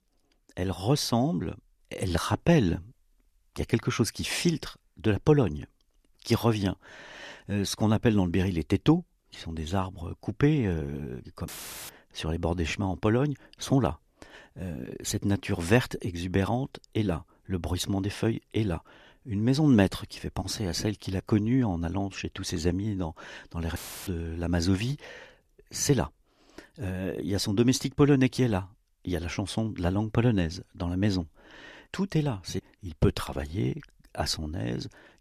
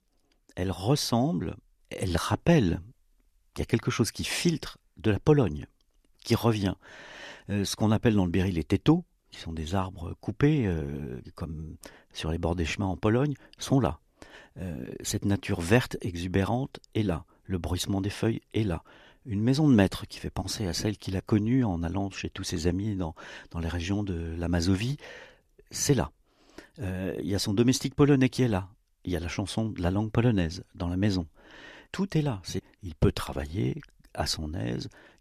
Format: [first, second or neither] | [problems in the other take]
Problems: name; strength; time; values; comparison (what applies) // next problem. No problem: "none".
second | audio cutting out; filled with static; at 11 s and at 24 s